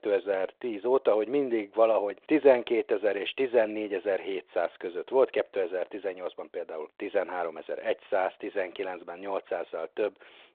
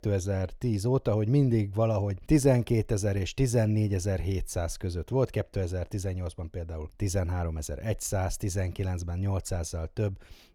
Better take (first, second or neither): second